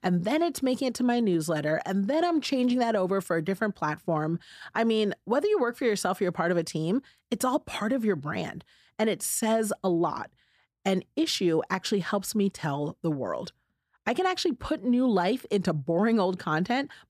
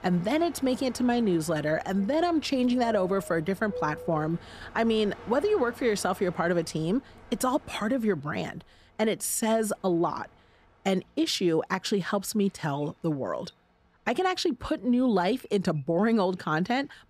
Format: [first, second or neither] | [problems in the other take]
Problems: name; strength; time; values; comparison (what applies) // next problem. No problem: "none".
first | train or aircraft noise; noticeable; throughout; 20 dB below the speech